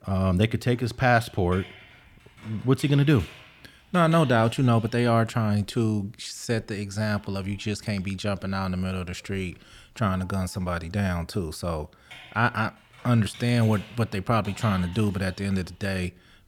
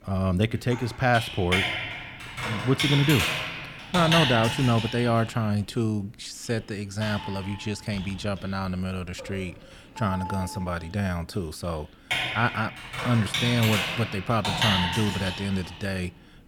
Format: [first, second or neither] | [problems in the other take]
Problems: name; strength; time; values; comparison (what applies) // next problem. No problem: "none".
first | household noises; loud; throughout; 1 dB below the speech; faint in the first